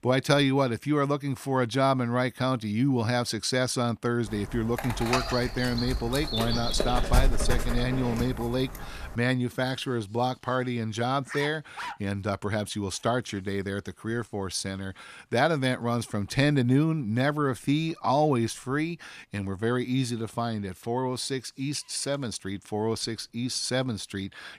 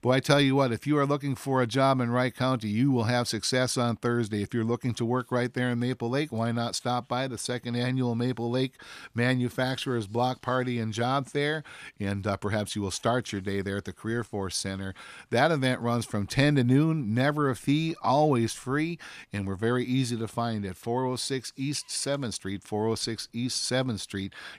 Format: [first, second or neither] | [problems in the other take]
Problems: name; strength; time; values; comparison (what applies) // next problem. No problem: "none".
second | dog barking; loud; from 4.5 to 9 s; peak 2 dB above the speech // dog barking; noticeable; at 11 s; peak 9 dB below the speech